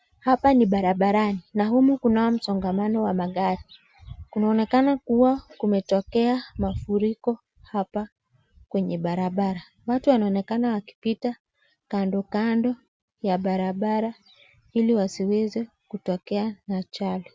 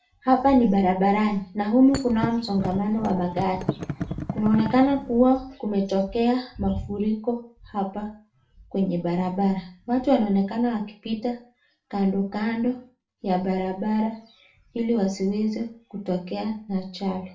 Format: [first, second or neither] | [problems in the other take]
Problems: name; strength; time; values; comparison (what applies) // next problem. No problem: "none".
first | background sound (Thump, thud); 8 dB below the speech // room echo; dies away in 0.3 s